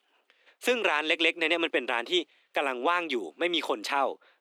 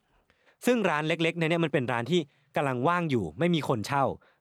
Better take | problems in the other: second | thin; somewhat; fading below 300 Hz

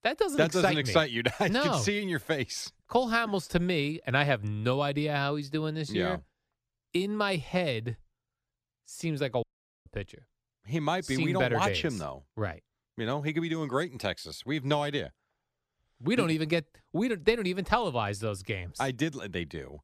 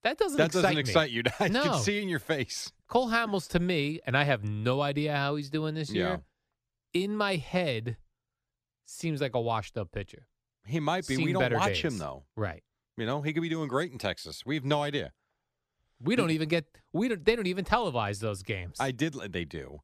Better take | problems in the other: second | audio cutting out; at 9.5 s

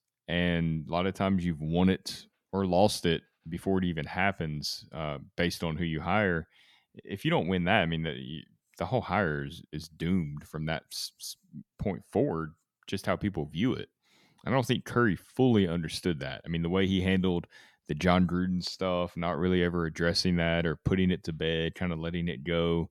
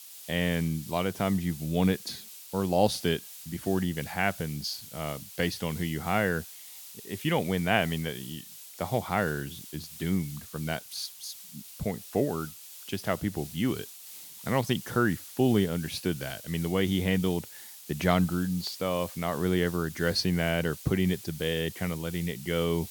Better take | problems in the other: first | hiss; noticeable; throughout; 15 dB below the speech

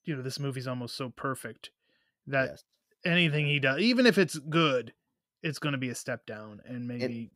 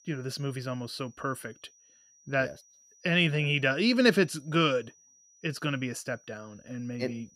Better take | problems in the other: first | high-pitched whine; faint; throughout; 6 kHz, 30 dB below the speech

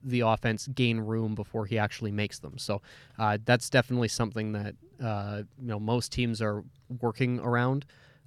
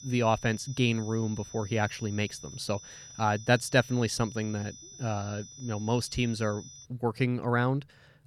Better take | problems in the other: first | high-pitched whine; noticeable; until 7 s; 6 kHz, 15 dB below the speech

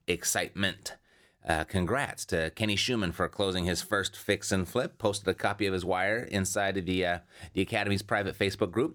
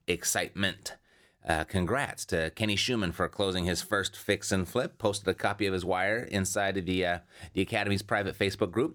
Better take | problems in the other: neither | none

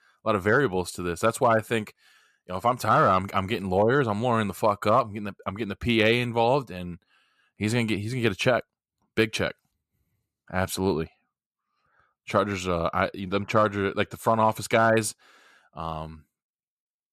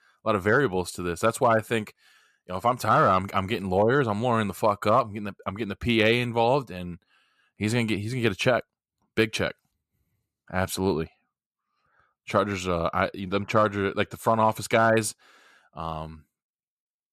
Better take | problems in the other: neither | none

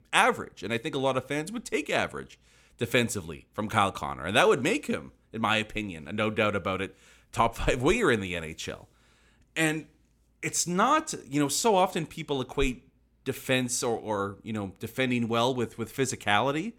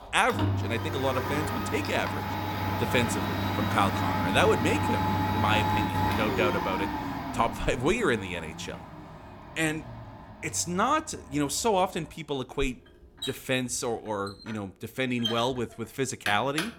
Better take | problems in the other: first | household noises; loud; throughout; 1 dB below the speech

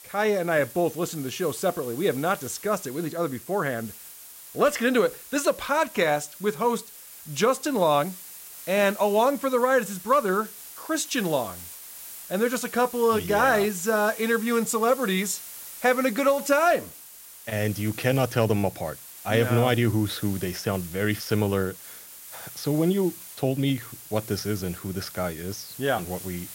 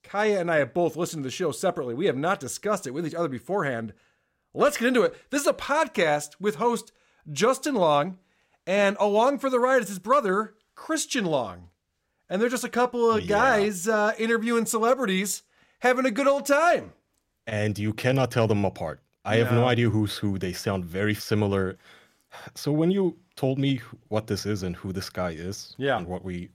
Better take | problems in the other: second | hiss; noticeable; throughout; 15 dB below the speech

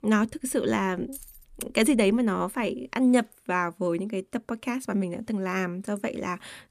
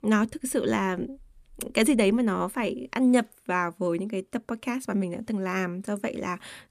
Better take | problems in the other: second | jangling keys; faint; at 1 s; peak 15 dB below the speech

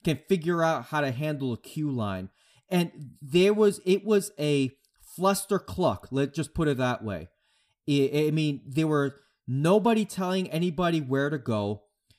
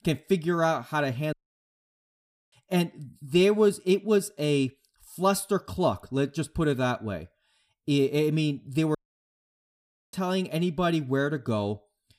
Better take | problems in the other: first | audio cutting out; at 1.5 s for 1 s and at 9 s for 1 s

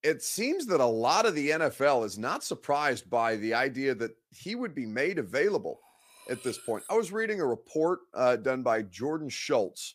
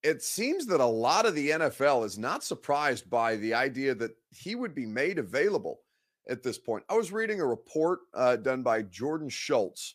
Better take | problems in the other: second | clattering dishes; faint; from 6 to 7 s; peak 15 dB below the speech

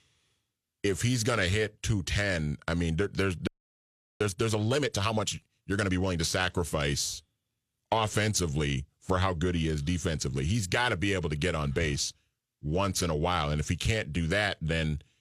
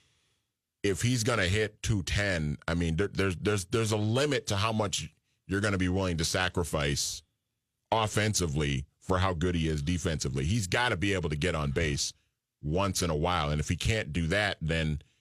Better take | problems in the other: second | audio freezing; at 3.5 s for 0.5 s

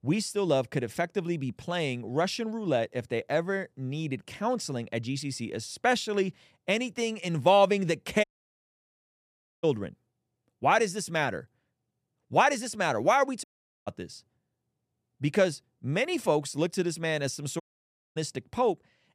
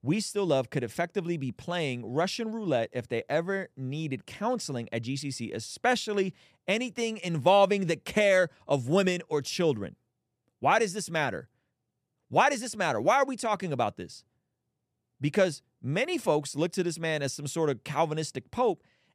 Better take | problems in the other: second | audio cutting out; at 8 s for 1.5 s, at 13 s and at 18 s for 0.5 s

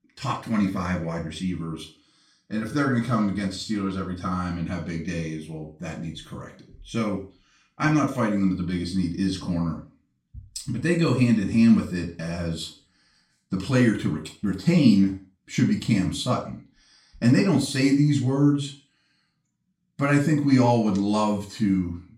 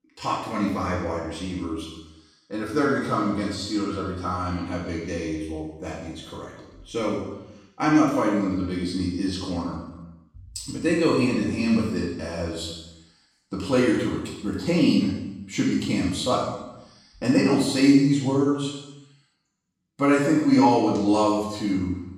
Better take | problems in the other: first | room echo; strong; dies away in 0.9 s; slight in the first // off-mic speech; far; far in the first

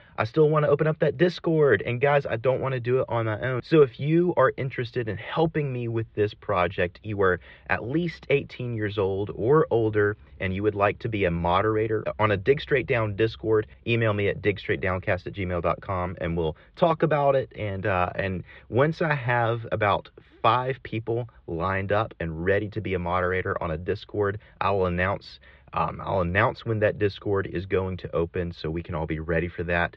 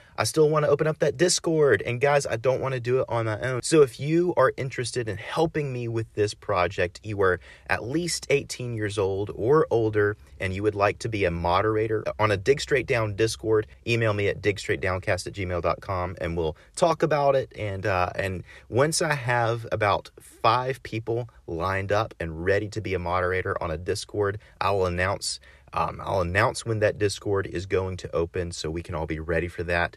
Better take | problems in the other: second | muffled; very; fading above 3.5 kHz

